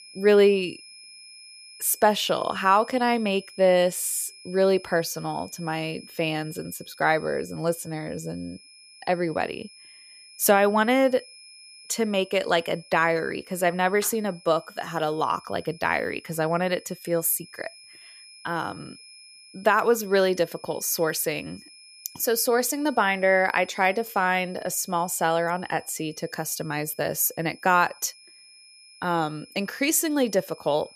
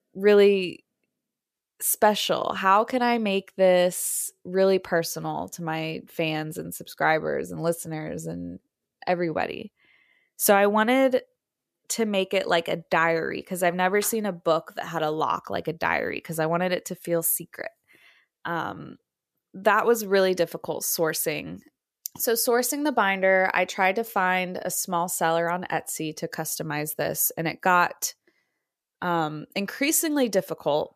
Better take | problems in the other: second | high-pitched whine; faint; throughout; 5 kHz, 20 dB below the speech

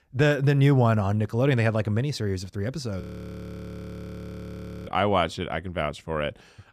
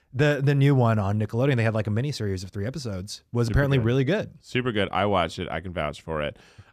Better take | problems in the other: second | audio freezing; at 3 s for 2 s

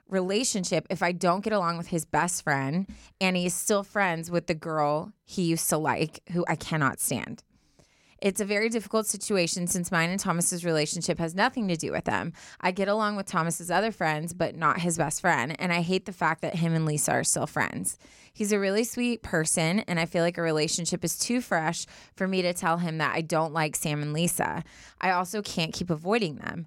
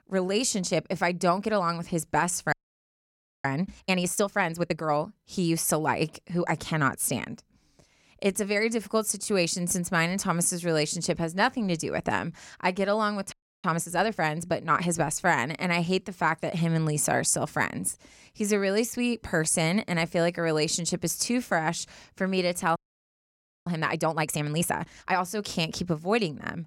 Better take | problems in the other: first | audio freezing; at 2.5 s for 1 s, at 13 s and at 23 s for 1 s

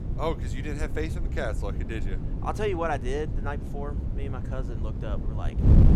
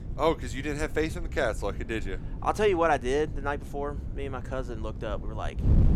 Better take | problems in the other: second | wind noise on the microphone; heavy; 8 dB below the speech; occasional gusts in the second

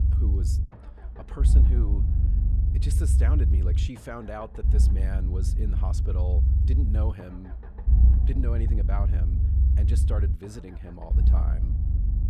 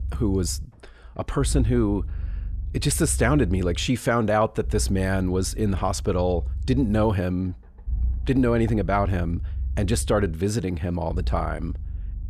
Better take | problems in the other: second | low rumble; loud; throughout; 1 dB below the speech; faint in the second

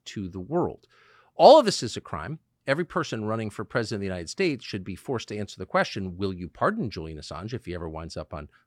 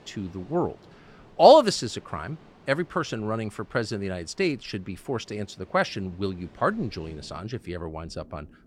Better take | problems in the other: first | rain or running water; faint; throughout; 30 dB below the speech

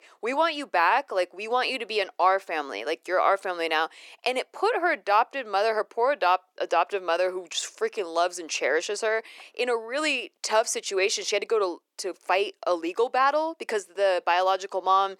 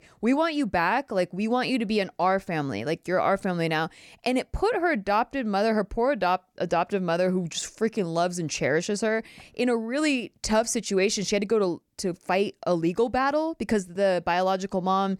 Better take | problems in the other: second | thin; very; fading below 350 Hz

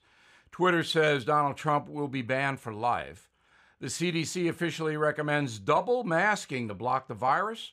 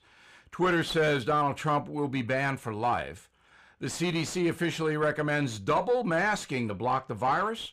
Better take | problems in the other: first | distortion; slight; 10 dB below the speech

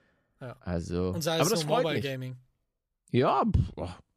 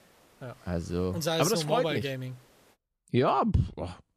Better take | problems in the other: first | hiss; faint; until 2.5 s; 30 dB below the speech

